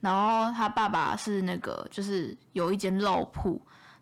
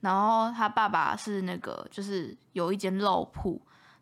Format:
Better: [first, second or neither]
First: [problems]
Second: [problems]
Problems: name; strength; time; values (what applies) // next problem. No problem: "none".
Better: second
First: distortion; slight; 10 dB below the speech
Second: none